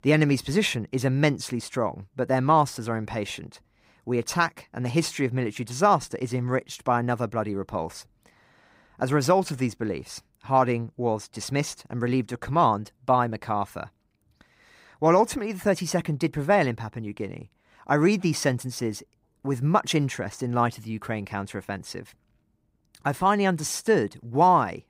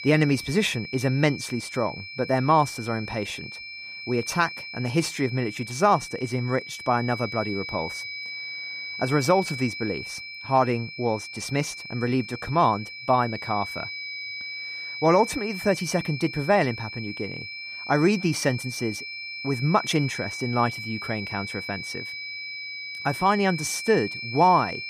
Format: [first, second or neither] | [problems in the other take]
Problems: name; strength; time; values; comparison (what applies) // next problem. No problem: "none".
first | high-pitched whine; loud; throughout; 2.5 kHz, 8 dB below the speech